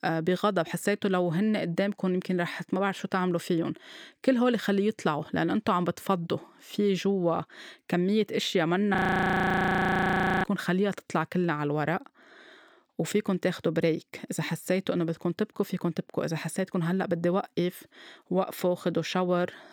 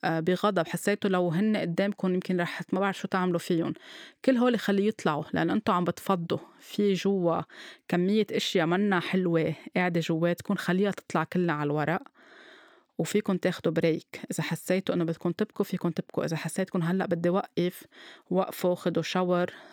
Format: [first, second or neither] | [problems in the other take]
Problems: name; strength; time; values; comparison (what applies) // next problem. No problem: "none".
second | audio freezing; at 9 s for 1.5 s